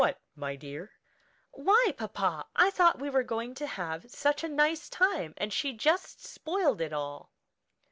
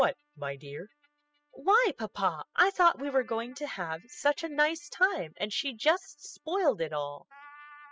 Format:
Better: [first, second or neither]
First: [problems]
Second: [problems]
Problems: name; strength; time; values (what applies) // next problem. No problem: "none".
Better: first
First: none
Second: noise reduction (classical method spectral subtraction)